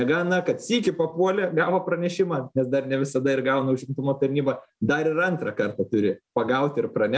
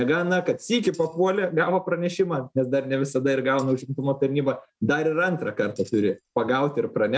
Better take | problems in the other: first | noise reduction (neural mask model RNNoise)

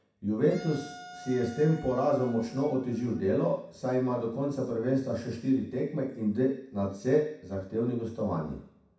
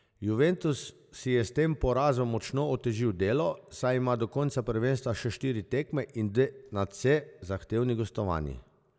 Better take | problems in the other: second | background sound (Wind instrument, woodwind instrument); 19 dB below the speech // room echo; dies away in 0.6 s

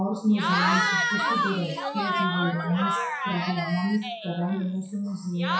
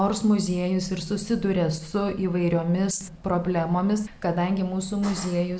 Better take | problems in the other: second | noise reduction (classical method WPE with log-MMSE)

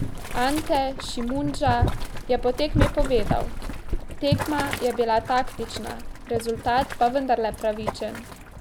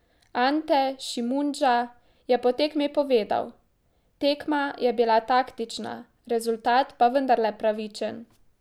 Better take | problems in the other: second | background sound (Boiling); 2 dB below the speech

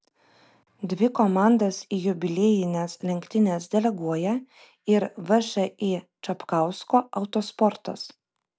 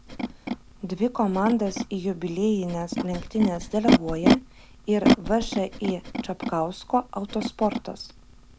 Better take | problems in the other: first | background sound (Animal); 1 dB below the speech

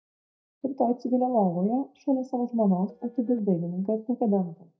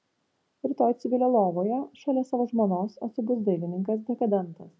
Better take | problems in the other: second | noise reduction (neural mask model DeepFilterNet 3)

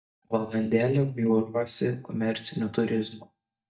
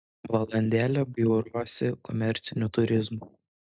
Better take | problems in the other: second | noise reduction (neural mask model DeepFilterNet 3)

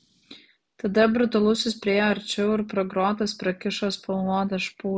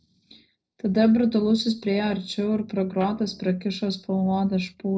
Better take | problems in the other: first | noise reduction (neural separator model SepFormer DNS4)

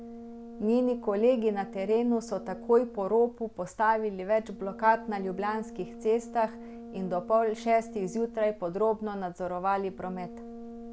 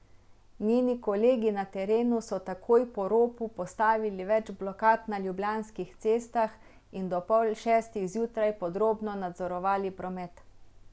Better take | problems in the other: second | background sound (Brass instrument); 15 dB below the speech

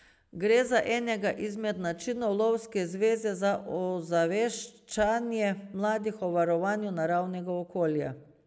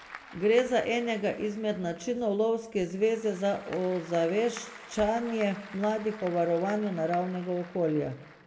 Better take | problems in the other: first | background sound (Applause / Crowd); 19 dB below the speech // room echo; dies away in 1.1 s

